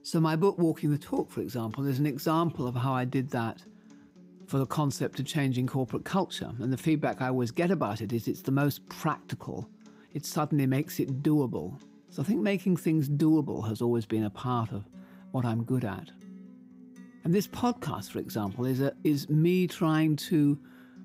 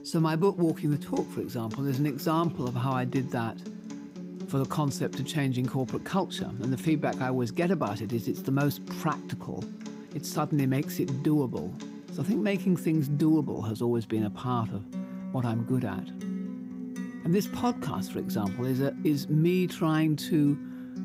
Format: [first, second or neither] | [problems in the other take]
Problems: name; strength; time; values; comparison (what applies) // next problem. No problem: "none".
first | background music; loud; throughout; 10 dB below the speech; faint in the first